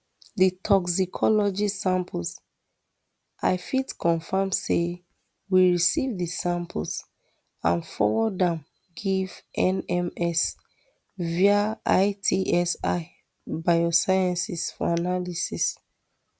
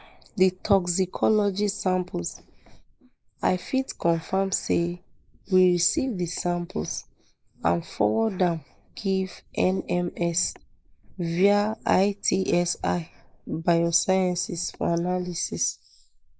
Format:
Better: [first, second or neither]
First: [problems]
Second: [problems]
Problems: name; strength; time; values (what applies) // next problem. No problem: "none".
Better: first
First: none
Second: noise reduction (neural mask model Resemble Enhance denoiser)